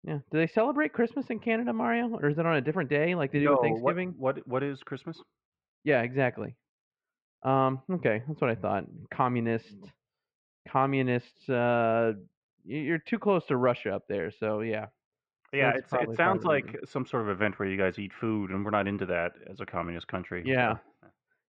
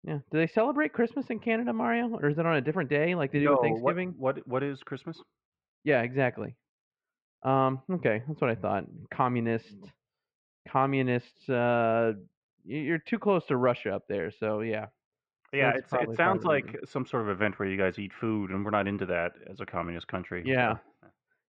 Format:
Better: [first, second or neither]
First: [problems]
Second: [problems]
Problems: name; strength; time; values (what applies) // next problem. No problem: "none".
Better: neither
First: muffled; very; fading above 2.5 kHz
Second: muffled; very; fading above 2.5 kHz